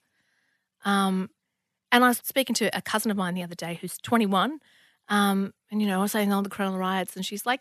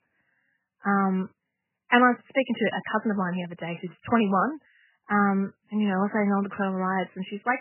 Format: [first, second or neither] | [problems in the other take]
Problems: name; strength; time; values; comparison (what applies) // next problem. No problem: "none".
first | garbled, watery; badly; nothing above 3 kHz